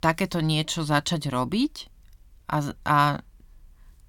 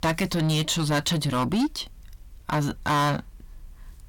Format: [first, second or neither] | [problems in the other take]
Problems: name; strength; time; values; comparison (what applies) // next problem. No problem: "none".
first | distortion; heavy; 6 dB below the speech